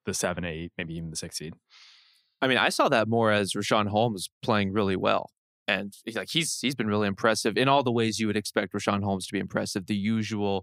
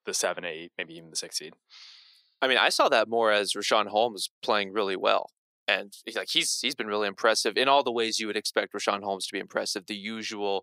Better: first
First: none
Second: thin; somewhat; fading below 450 Hz

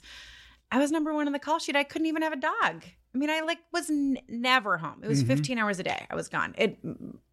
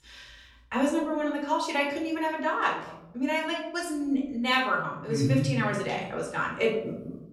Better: first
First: none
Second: off-mic speech; far // room echo; noticeable; dies away in 0.8 s

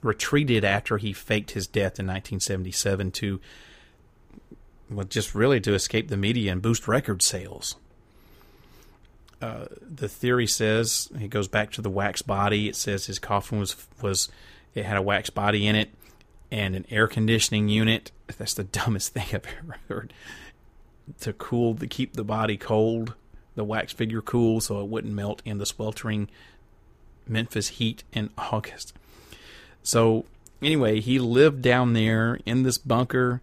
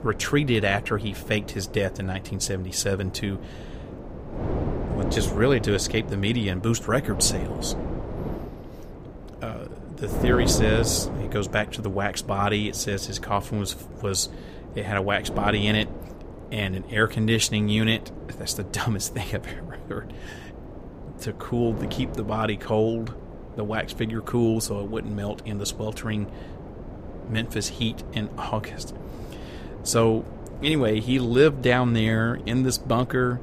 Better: first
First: none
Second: wind noise on the microphone; occasional gusts; 10 dB below the speech

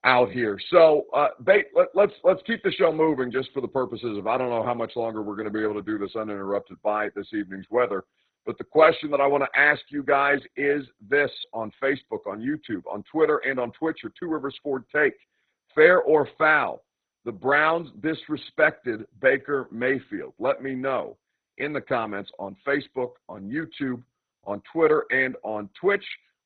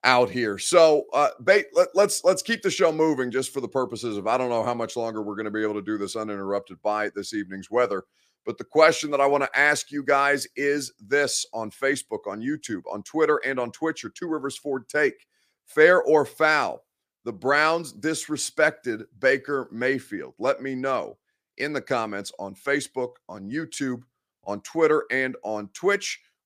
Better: second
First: garbled, watery; badly; nothing above 4 kHz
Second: none

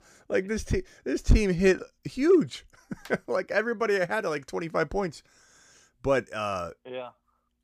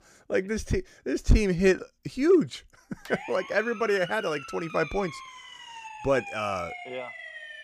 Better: first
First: none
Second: siren; faint; from 3 s on; peak 10 dB below the speech

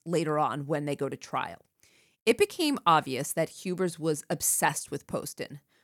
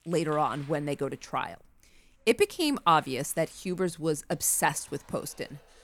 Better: first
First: none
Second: household noises; faint; throughout; 30 dB below the speech

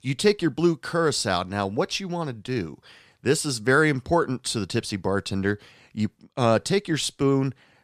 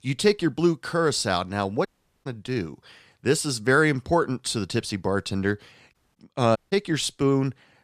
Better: first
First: none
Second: audio cutting out; at 2 s, at 6 s and at 6.5 s

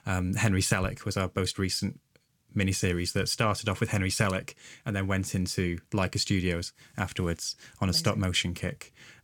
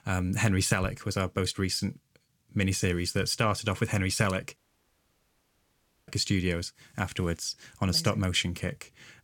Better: first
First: none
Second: audio cutting out; at 4.5 s for 1.5 s

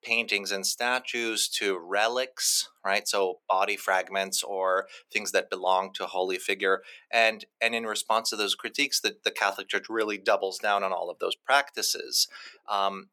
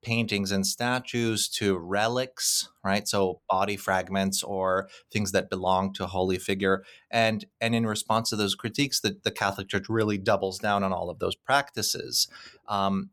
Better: second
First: thin; somewhat; fading below 350 Hz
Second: none

